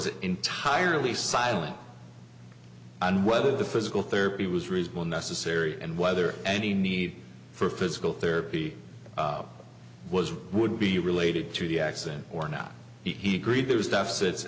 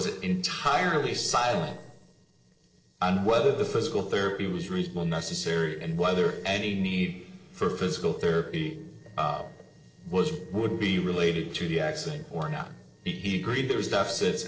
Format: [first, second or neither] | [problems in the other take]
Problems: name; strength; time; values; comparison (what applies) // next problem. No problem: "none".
first | noise reduction (neural separator model SepFormer DNS4)